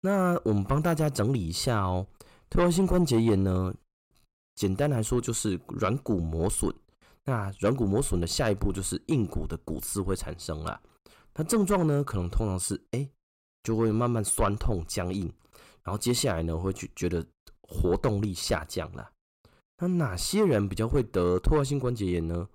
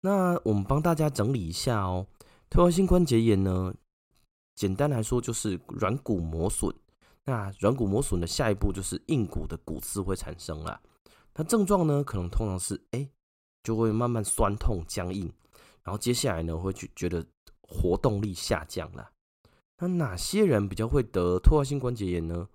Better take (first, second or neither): second